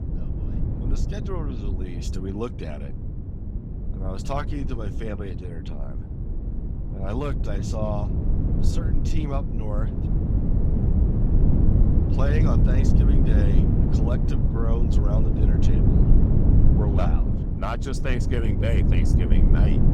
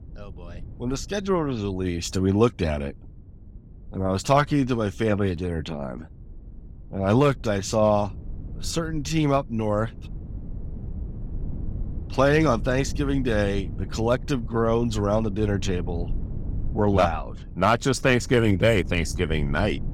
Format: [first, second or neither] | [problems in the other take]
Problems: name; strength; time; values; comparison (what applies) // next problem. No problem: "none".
second | low rumble; loud; throughout; as loud as the speech; faint in the second